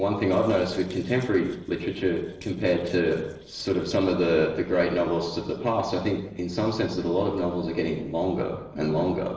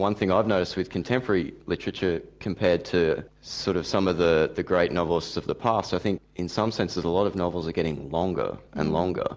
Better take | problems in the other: second | noise reduction (neural separator model SepFormer DNS4)

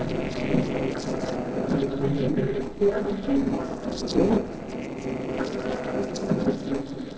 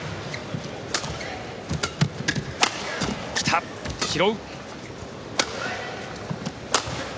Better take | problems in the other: second | noise reduction (neural separator model SepFormer DNS4)

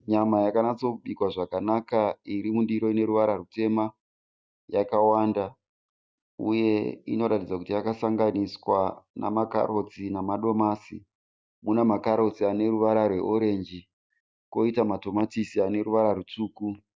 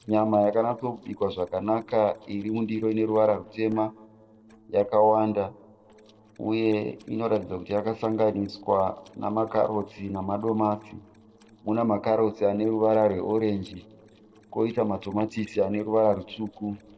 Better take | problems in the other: first | noise reduction (neural separator model SepFormer DNS4)

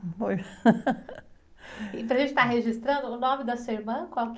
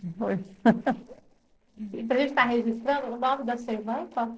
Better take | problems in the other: first | noise reduction (neural separator model SepFormer DNS4)

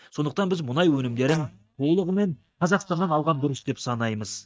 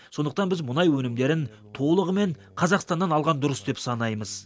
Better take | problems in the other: second | noise reduction (neural mask model DeepFilterNet 3)

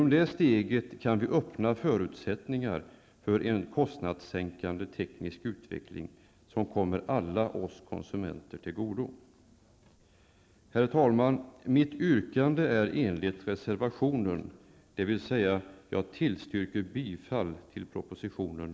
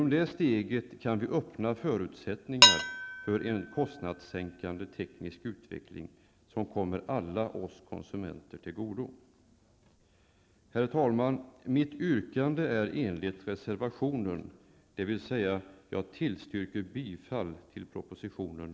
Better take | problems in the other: first | background sound (Dishes, pots, and pans); 4 dB above the speech

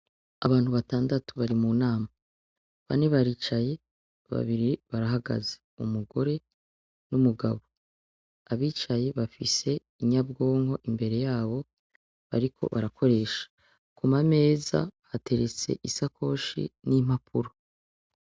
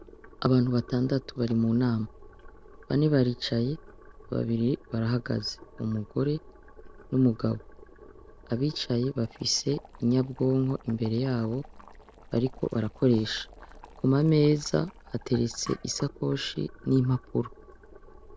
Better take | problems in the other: first | background sound (Boiling); 20 dB below the speech

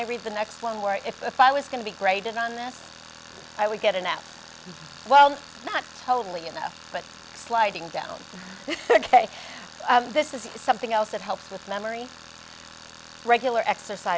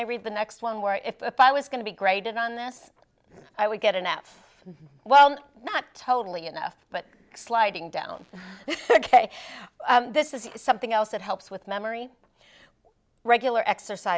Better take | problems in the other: second | background sound (Tools); 19 dB below the speech

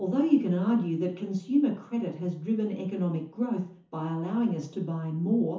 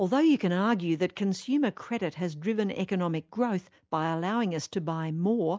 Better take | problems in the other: second | room echo; dies away in 0.9 s

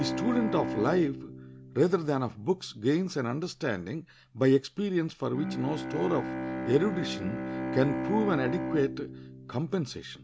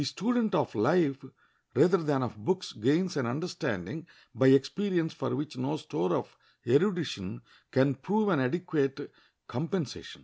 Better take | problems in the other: second | background sound (Bowed string instrument); 7 dB below the speech

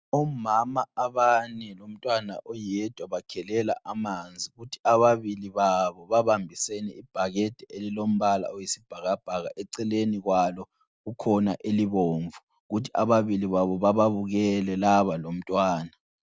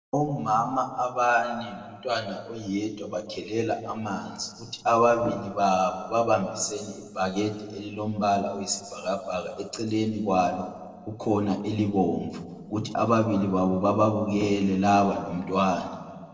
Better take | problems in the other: first | noise reduction (neural separator model SepFormer DNS4)

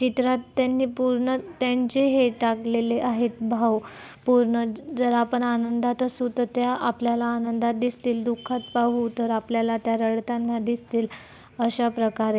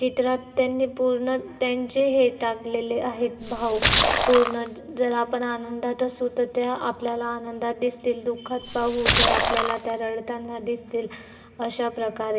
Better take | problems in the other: first | background sound (Splash, splatter); 1 dB above the speech // room echo; dies away in 2.6 s

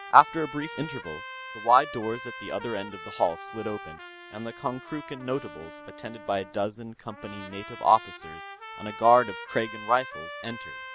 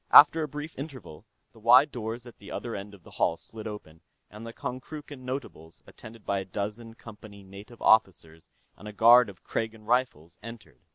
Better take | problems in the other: second | background sound (Trumpet); 13 dB below the speech

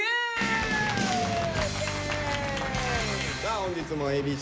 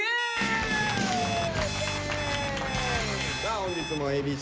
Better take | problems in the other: first | background sound (Alarm); 10 dB below the speech

